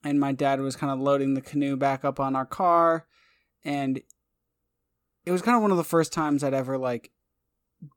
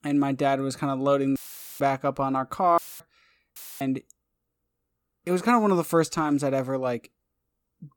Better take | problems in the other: first | audio cutting out; filled with static; at 1.5 s, at 3 s and at 3.5 s

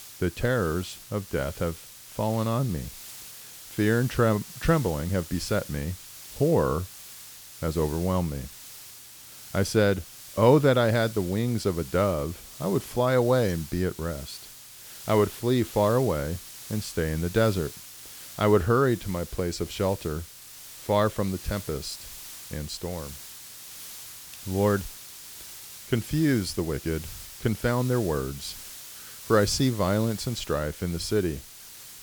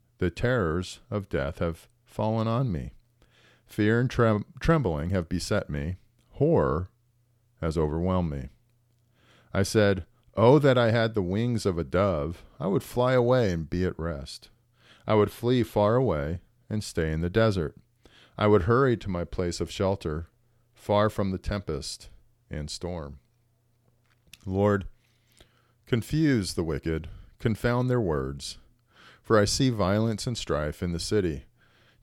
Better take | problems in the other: second | hiss; noticeable; throughout; 15 dB below the speech

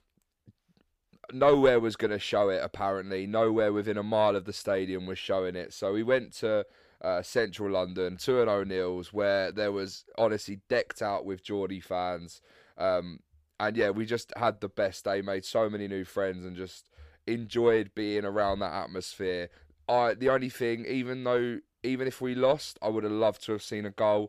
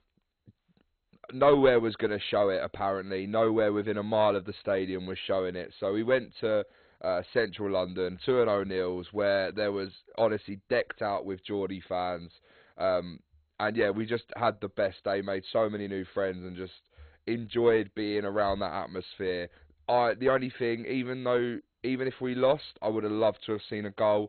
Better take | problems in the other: first | garbled, watery; badly; nothing above 4 kHz

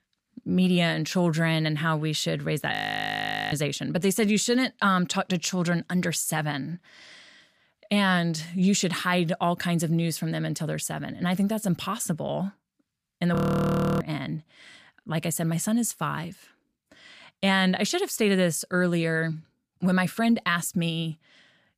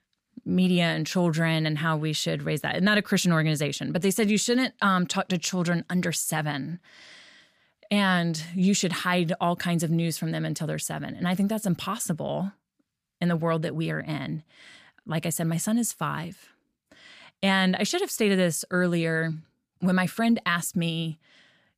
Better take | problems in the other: second | audio freezing; at 2.5 s for 1 s and at 13 s for 0.5 s

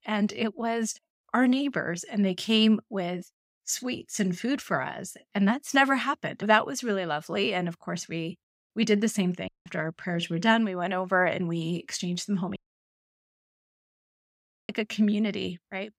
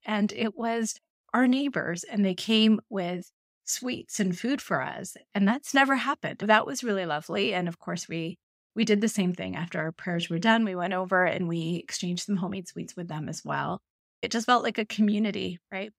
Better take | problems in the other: second | audio cutting out; at 9.5 s and at 13 s for 2 s

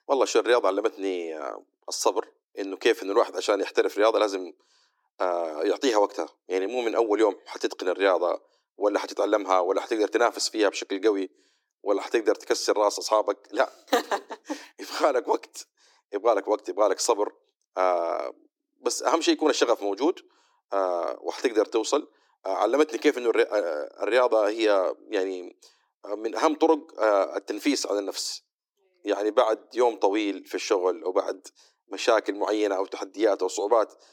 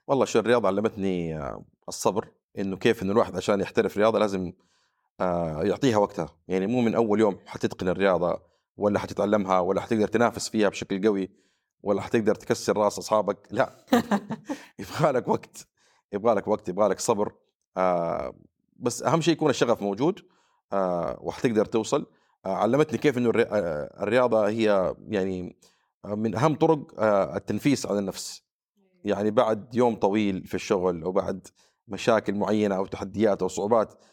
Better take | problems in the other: second | thin; somewhat; fading below 300 Hz

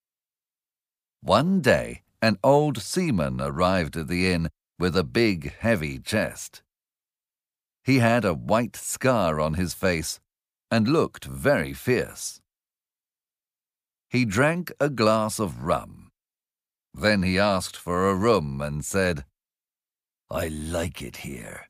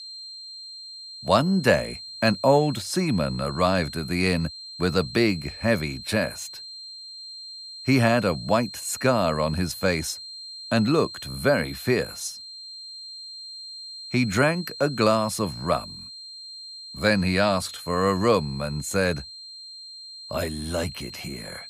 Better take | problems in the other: first | high-pitched whine; noticeable; throughout; 4 kHz, 15 dB below the speech

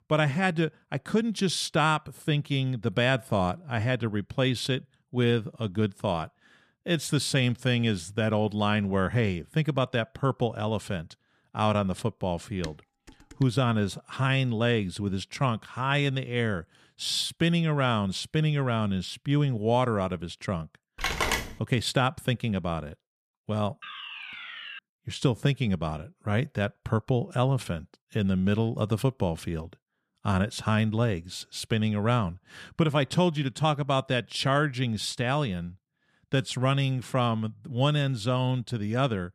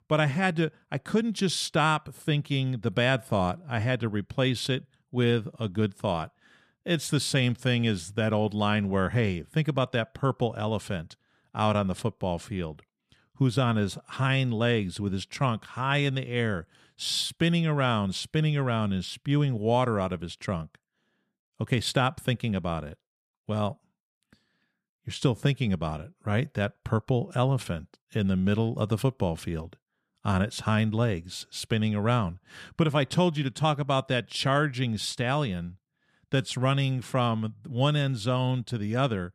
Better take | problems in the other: second | clattering dishes; faint; at 13 s; peak 15 dB below the speech // phone ringing; loud; at 21 s; peak 1 dB above the speech // alarm; faint; at 24 s; peak 10 dB below the speech

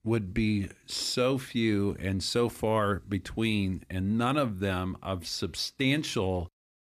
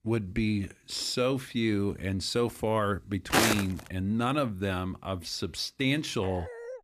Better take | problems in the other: first | footsteps; loud; at 3.5 s; peak 5 dB above the speech // dog barking; faint; at 6 s; peak 10 dB below the speech

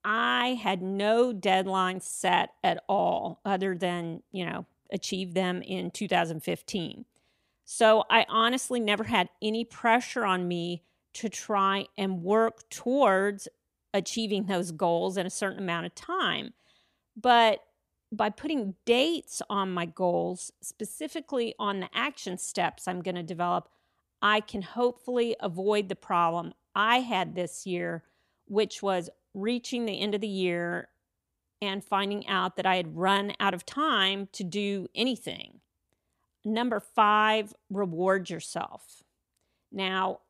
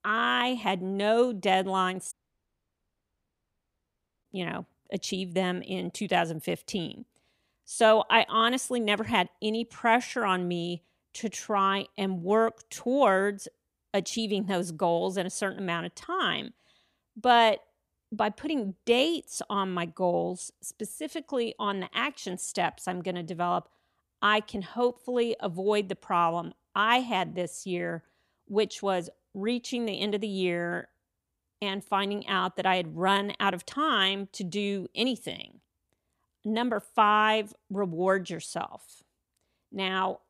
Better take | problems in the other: first | audio cutting out; at 2 s for 2 s

